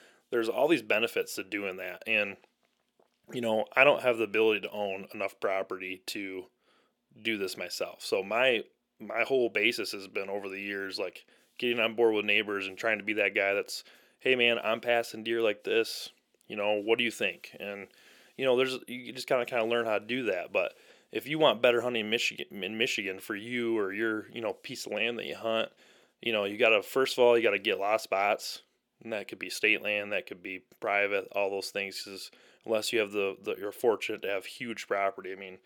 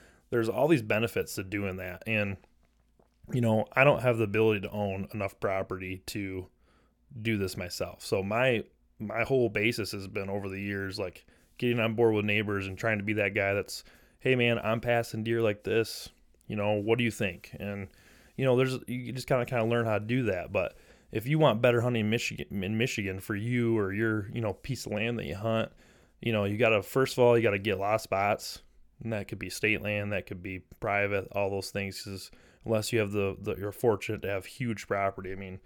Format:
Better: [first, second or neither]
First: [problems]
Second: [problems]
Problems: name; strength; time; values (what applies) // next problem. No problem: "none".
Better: second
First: thin; somewhat; fading below 350 Hz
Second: none